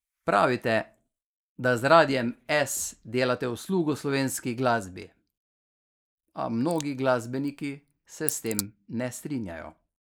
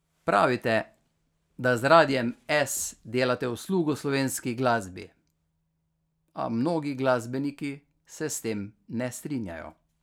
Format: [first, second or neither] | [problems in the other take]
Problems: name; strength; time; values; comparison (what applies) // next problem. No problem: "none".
second | noise reduction (neural mask model Resemble Enhance denoiser)